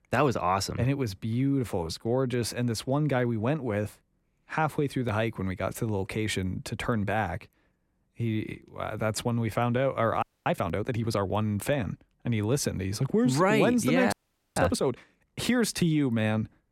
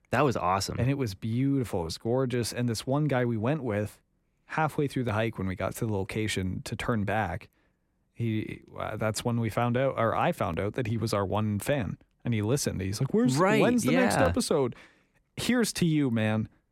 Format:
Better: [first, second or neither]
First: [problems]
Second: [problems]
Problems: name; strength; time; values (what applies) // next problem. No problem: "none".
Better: second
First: audio freezing; at 10 s and at 14 s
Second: none